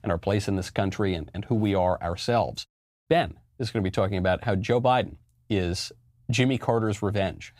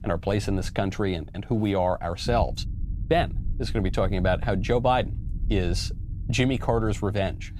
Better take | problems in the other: first | low rumble; faint; throughout; 20 dB below the speech

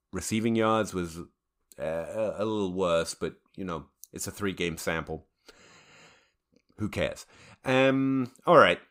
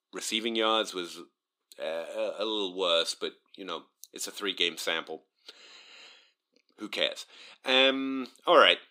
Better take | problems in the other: first | thin; very slightly; fading below 300 Hz

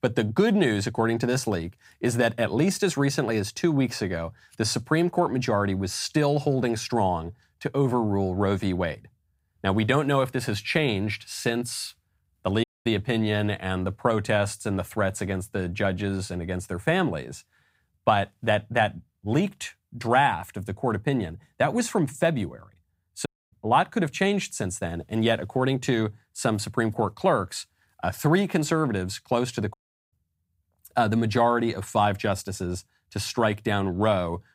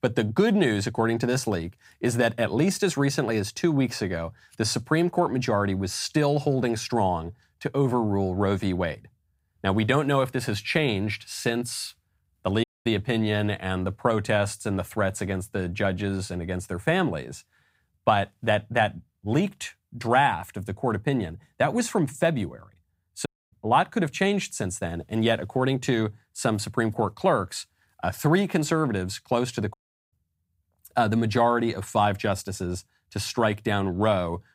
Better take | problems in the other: neither | audio cutting out; at 13 s, at 23 s and at 30 s; the same in both

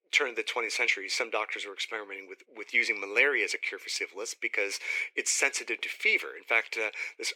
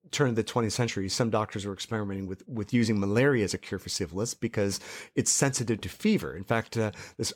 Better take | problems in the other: second | thin; very; fading below 350 Hz

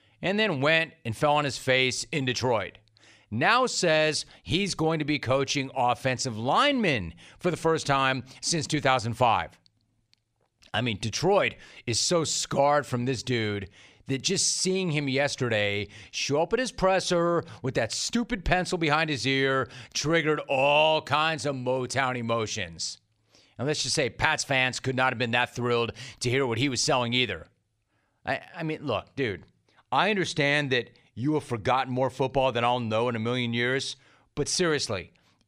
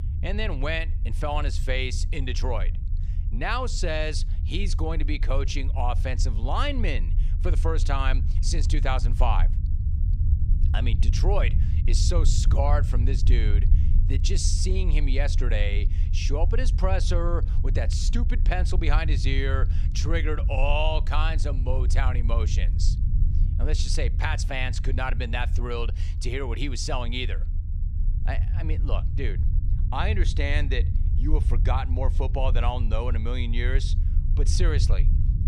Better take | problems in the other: first | low rumble; noticeable; throughout; 15 dB below the speech

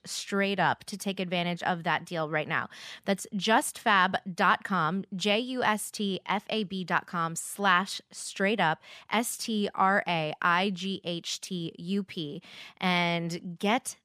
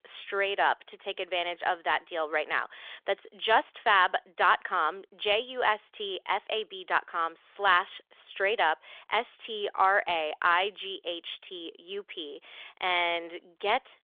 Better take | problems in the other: first | phone-call audio; nothing above 3.5 kHz

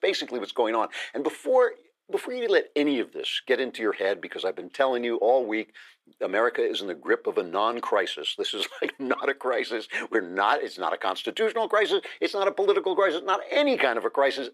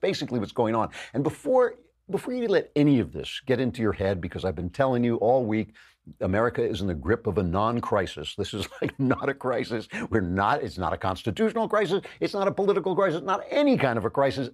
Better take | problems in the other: second | thin; somewhat; fading below 350 Hz

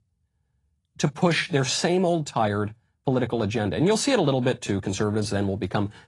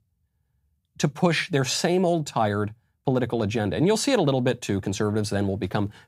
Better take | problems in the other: second | garbled, watery; slightly; nothing above 10.5 kHz

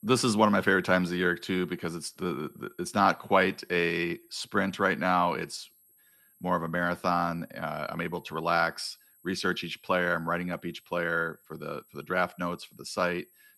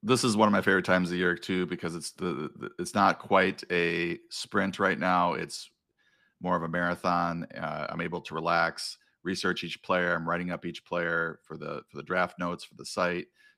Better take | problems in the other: second | high-pitched whine; faint; throughout; 11.5 kHz, 30 dB below the speech

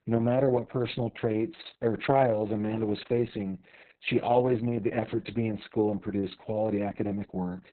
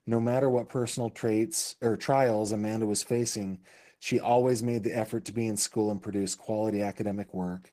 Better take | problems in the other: second | garbled, watery; badly; nothing above 4 kHz; slightly in the second

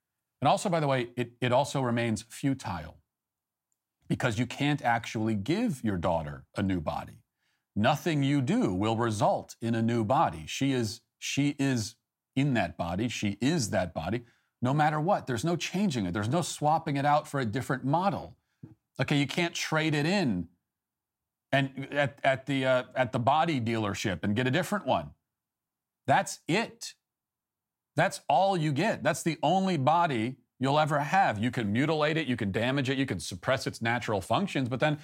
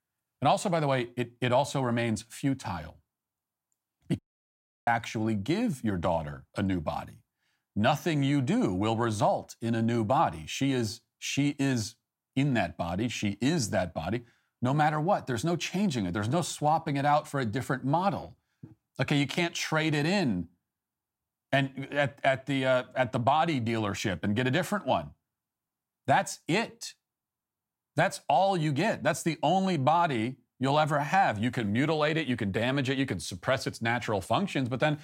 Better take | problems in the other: first | audio cutting out; at 4 s for 0.5 s

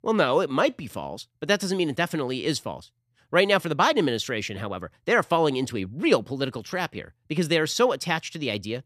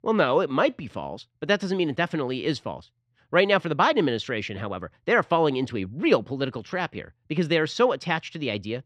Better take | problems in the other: first | muffled; very slightly; fading above 3.5 kHz

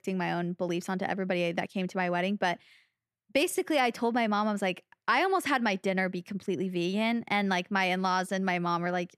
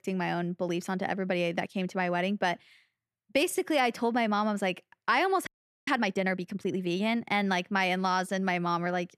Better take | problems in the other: first | audio freezing; at 5.5 s

